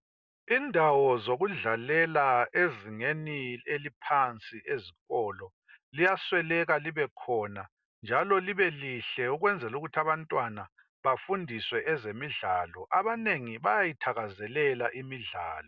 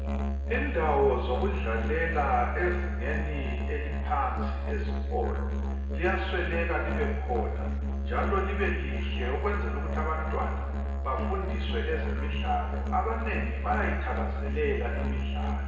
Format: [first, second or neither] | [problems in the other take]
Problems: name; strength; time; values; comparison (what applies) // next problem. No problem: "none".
first | background sound (Musical instrument); 2 dB above the speech // room echo; dies away in 1.1 s